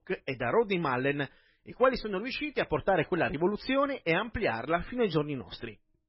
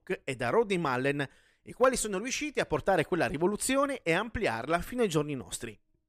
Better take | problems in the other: second | garbled, watery; badly; nothing above 5.5 kHz

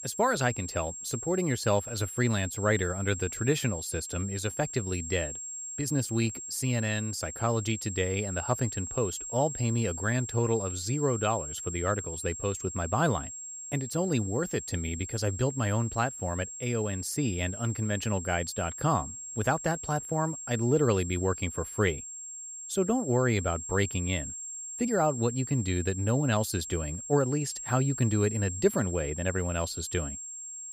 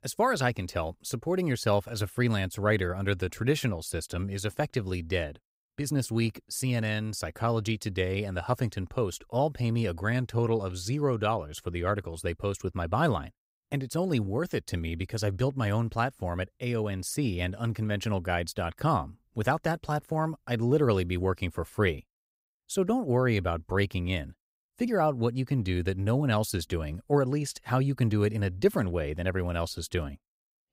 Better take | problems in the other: second | high-pitched whine; loud; throughout; 7.5 kHz, 7 dB below the speech

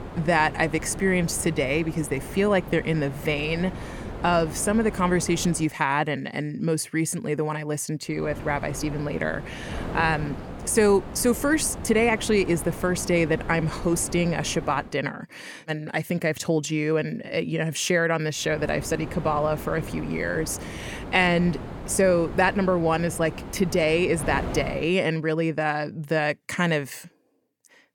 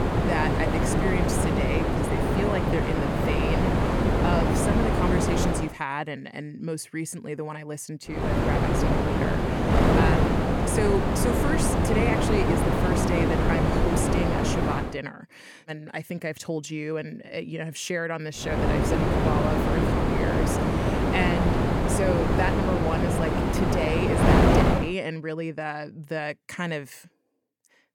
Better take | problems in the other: first | wind noise on the microphone; heavy; until 5.5 s, from 8 to 15 s and from 18 to 25 s; 5 dB above the speech; occasional gusts in the first

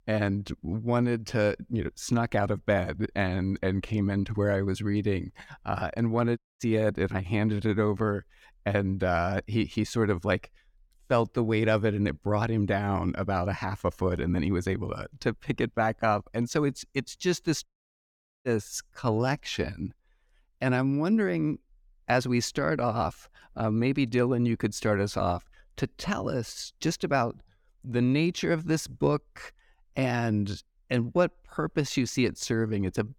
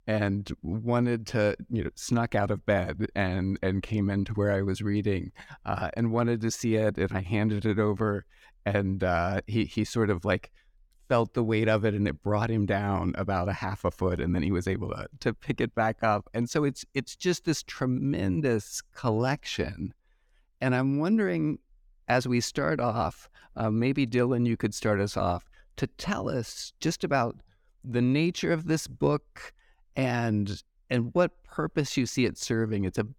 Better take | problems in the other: second | audio cutting out; at 6.5 s and at 18 s for 1 s

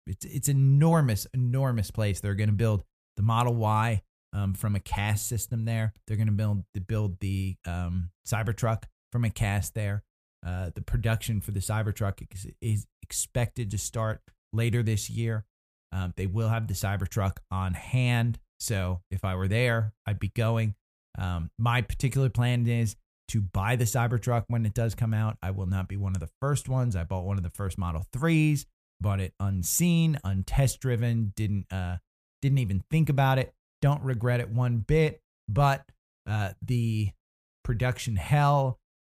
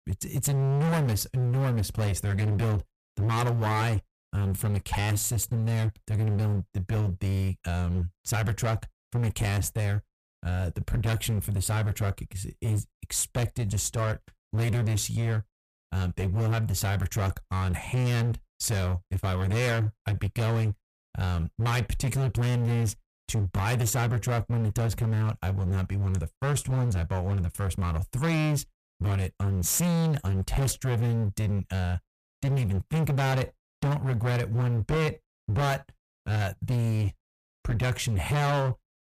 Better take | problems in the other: first | distortion; heavy; 26% of the sound clipped

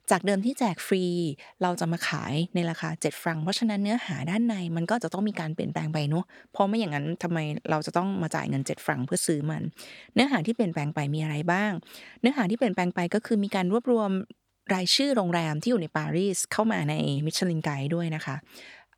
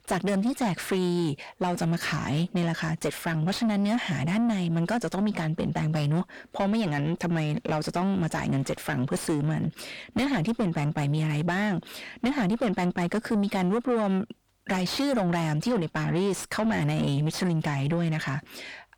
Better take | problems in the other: first | distortion; heavy; 7 dB below the speech

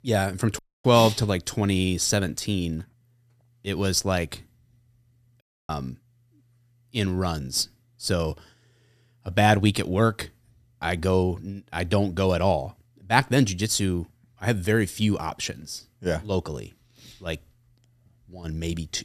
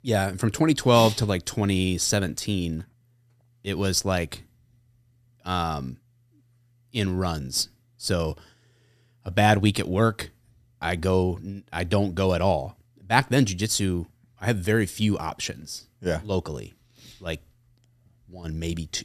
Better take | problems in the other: second | audio cutting out; at 0.5 s and at 5.5 s

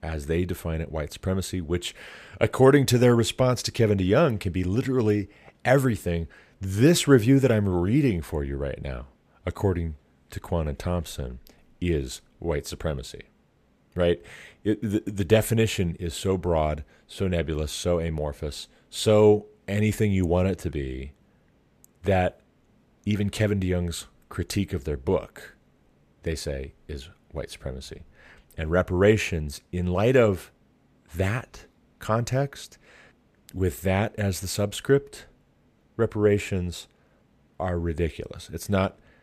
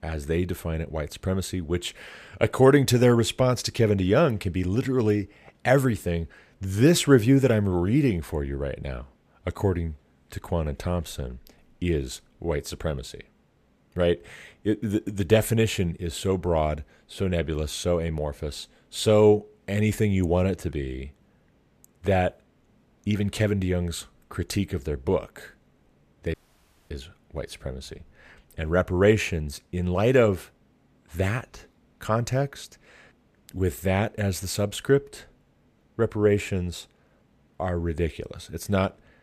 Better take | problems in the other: first | audio cutting out; at 26 s for 0.5 s

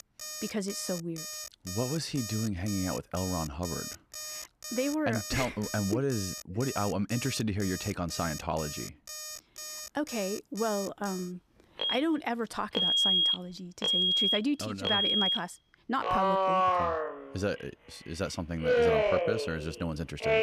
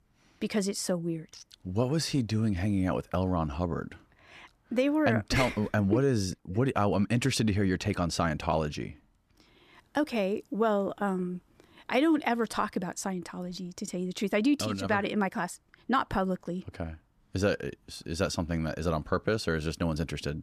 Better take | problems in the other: second | alarms or sirens; very loud; throughout; 3 dB above the speech

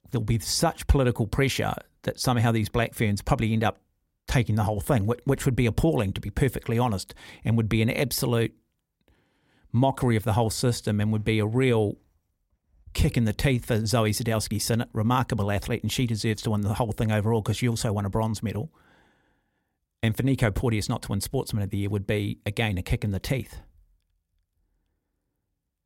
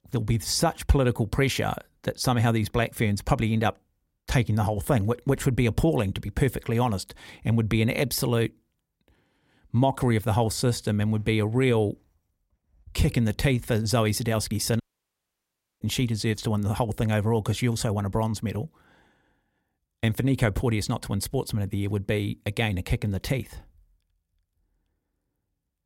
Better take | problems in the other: first | audio cutting out; at 15 s for 1 s

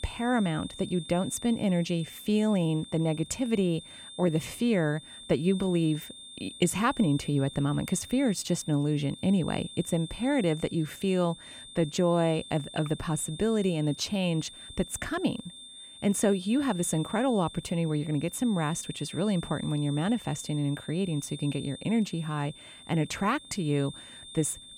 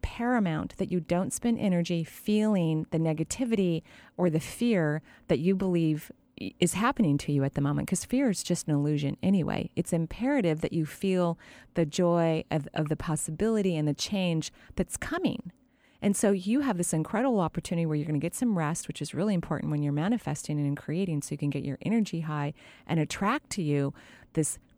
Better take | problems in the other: second | high-pitched whine; noticeable; throughout; 3.5 kHz, 15 dB below the speech

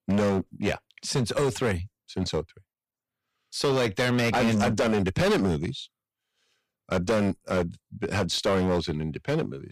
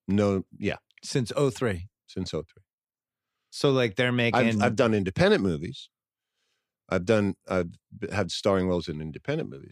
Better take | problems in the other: second | distortion; heavy; 11% of the sound clipped

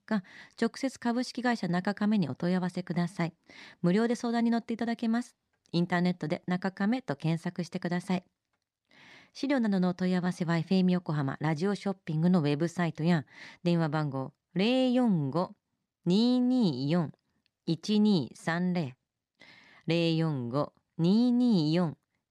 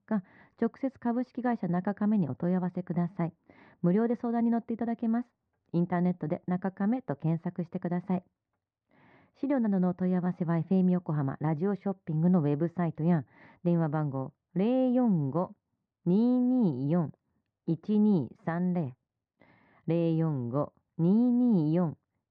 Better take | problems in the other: first | muffled; very; fading above 1 kHz

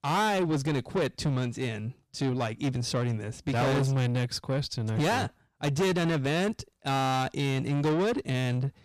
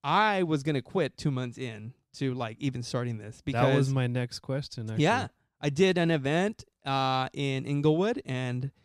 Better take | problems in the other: second | distortion; heavy; 7 dB below the speech

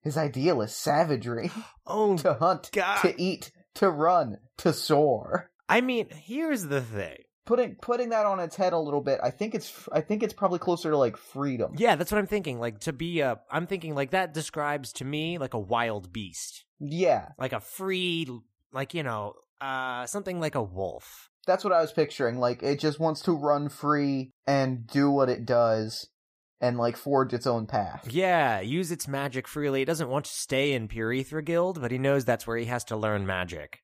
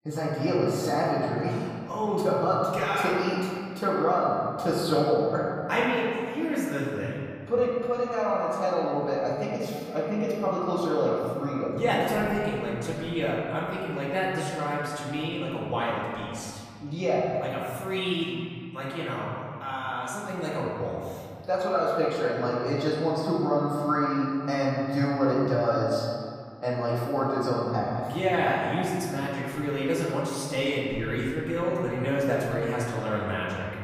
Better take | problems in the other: first | off-mic speech; far // room echo; noticeable; dies away in 2.2 s

